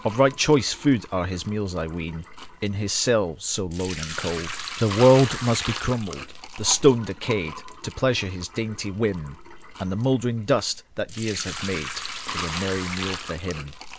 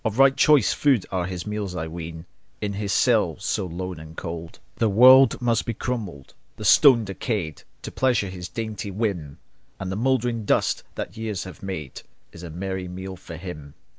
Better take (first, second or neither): second